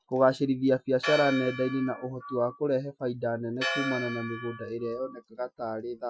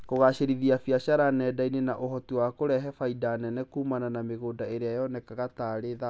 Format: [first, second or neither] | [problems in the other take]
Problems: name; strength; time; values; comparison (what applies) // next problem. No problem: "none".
second | noise reduction (classical method Wiener filter)